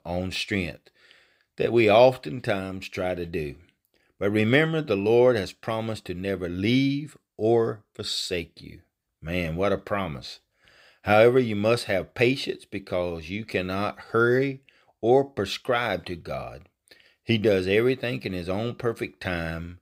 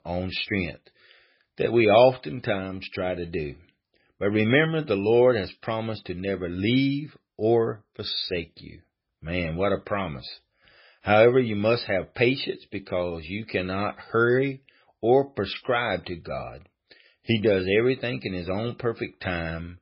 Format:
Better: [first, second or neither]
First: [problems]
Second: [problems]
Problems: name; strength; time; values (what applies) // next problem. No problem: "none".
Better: first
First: none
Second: garbled, watery; badly; nothing above 5 kHz